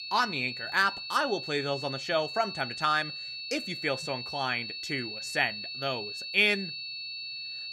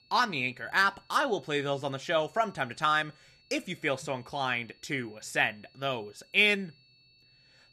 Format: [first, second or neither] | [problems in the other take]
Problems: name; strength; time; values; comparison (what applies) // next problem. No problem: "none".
second | high-pitched whine; loud; throughout; 4.5 kHz, 6 dB below the speech; faint in the second